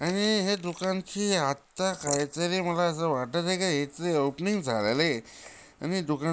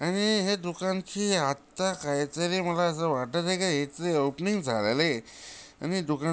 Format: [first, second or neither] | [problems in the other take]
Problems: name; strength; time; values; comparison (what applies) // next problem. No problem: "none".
second | noise reduction (neural mask model Resemble Enhance denoiser)